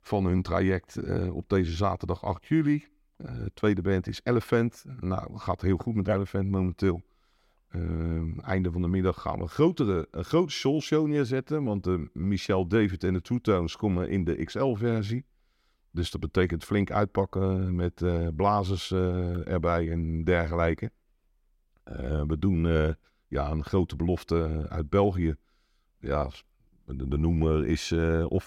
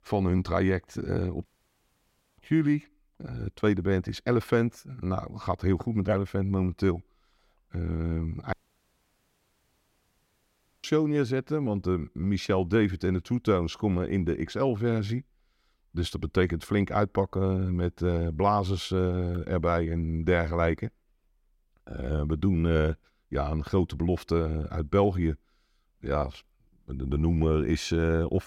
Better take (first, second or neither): first